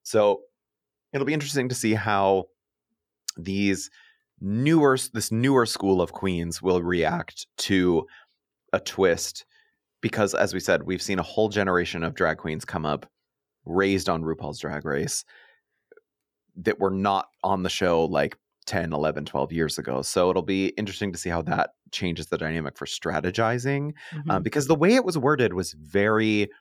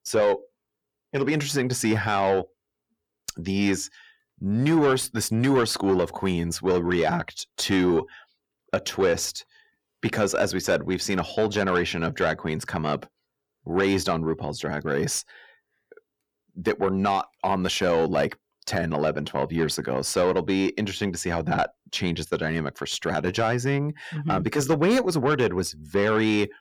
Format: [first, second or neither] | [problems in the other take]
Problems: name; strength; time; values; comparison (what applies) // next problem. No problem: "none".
first | distortion; slight; 10 dB below the speech